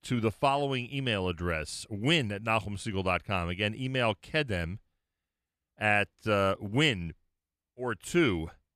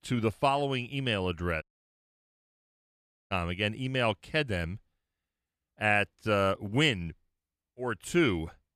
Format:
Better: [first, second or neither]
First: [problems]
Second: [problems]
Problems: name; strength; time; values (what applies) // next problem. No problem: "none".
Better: first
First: none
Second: audio cutting out; at 1.5 s for 1.5 s